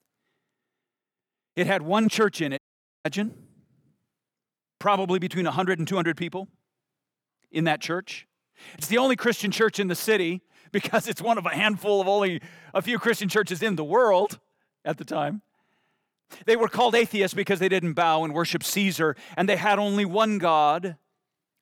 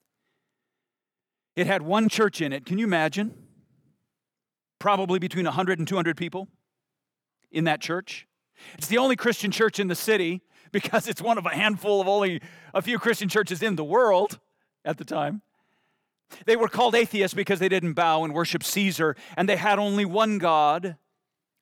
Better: second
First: audio cutting out; at 2.5 s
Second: none

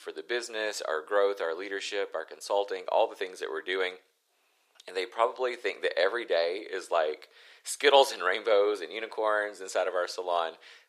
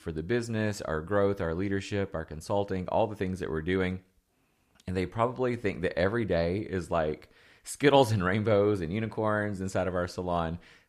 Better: second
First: thin; very; fading below 400 Hz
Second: none

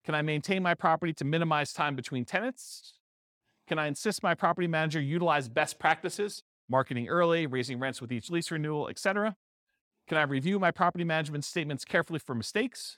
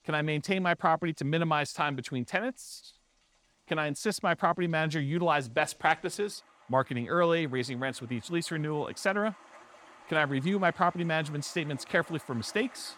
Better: first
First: none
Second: rain or running water; faint; throughout; 25 dB below the speech

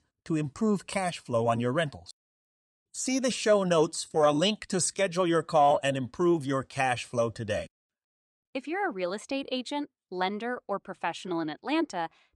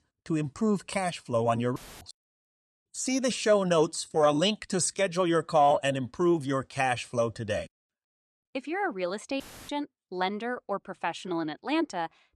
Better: first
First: none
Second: audio cutting out; filled with static; at 2 s and at 9.5 s

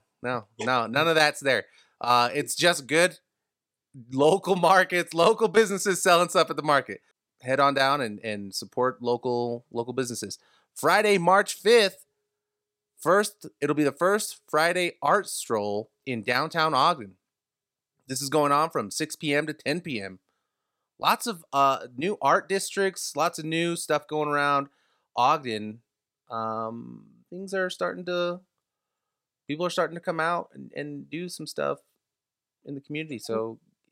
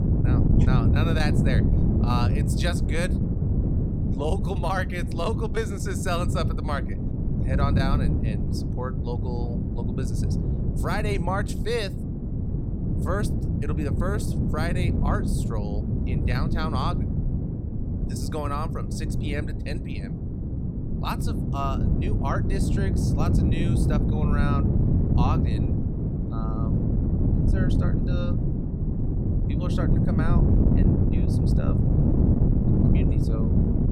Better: first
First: none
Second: wind noise on the microphone; heavy; 2 dB below the speech

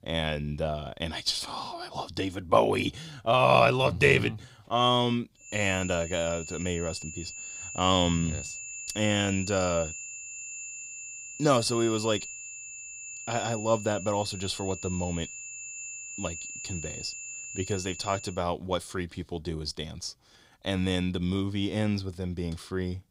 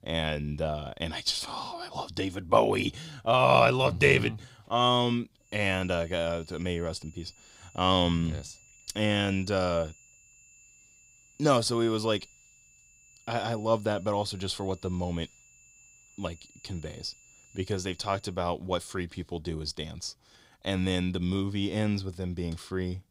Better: second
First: high-pitched whine; loud; from 5.5 to 18 s; 7 kHz, 9 dB below the speech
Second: high-pitched whine; faint; from 5.5 to 18 s; 7 kHz, 25 dB below the speech

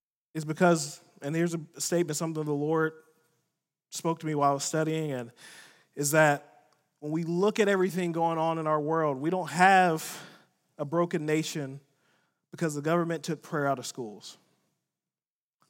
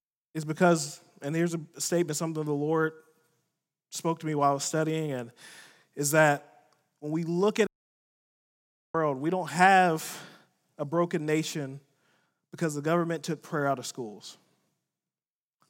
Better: first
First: none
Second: audio cutting out; at 7.5 s for 1.5 s

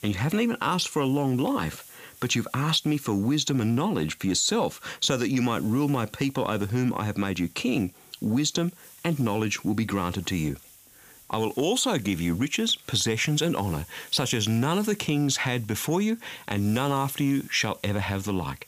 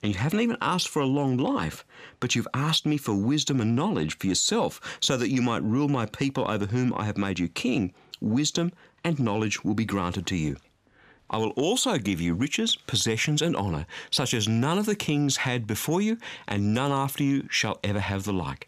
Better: second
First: hiss; faint; throughout; 20 dB below the speech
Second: none

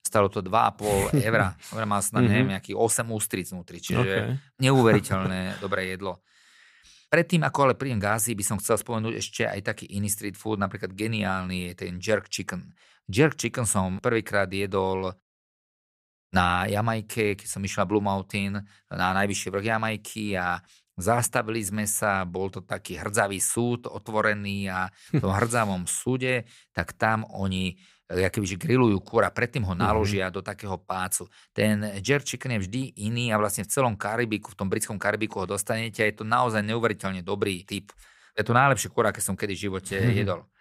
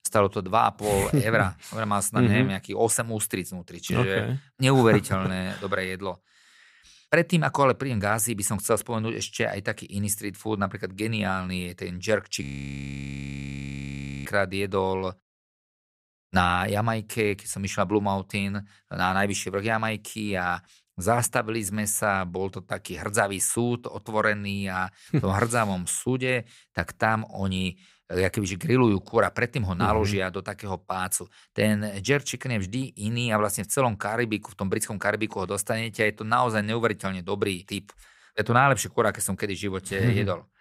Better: first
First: none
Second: audio freezing; at 12 s for 2 s

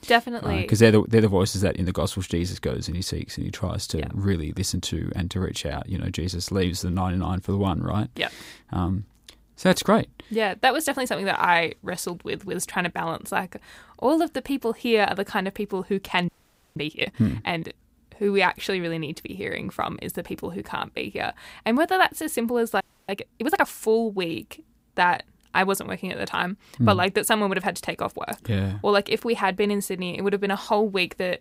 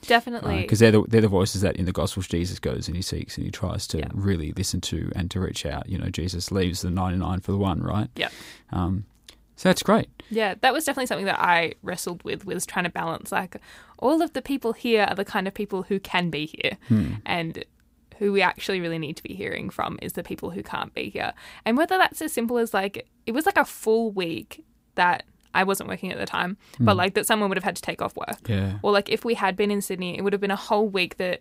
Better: second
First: audio freezing; at 16 s and at 23 s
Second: none

